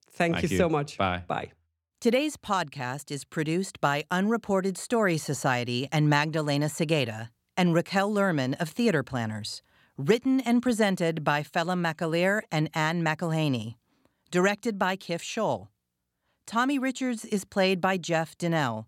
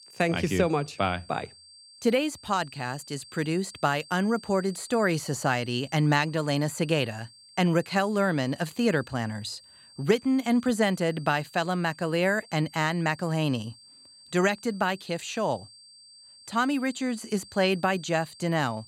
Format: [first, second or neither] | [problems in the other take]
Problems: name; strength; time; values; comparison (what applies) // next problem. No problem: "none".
first | high-pitched whine; faint; throughout; 4.5 kHz, 20 dB below the speech